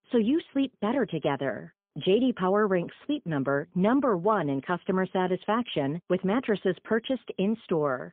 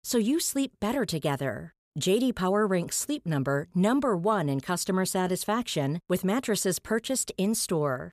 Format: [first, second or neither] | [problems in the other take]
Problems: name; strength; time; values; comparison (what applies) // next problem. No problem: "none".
second | phone-call audio; poor line; nothing above 3.5 kHz